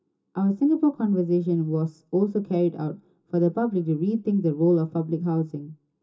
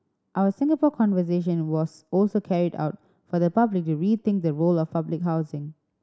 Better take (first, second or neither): second